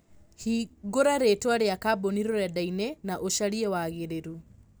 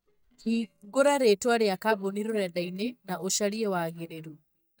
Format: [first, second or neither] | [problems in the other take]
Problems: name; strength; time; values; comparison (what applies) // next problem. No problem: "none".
first | noise reduction (neural mask model DeepFilterNet 3)